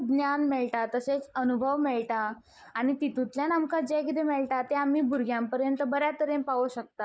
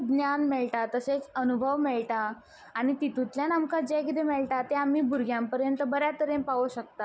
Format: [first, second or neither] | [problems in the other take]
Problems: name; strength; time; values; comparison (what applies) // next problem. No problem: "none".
second | noise reduction (neural mask model Resemble Enhance denoiser)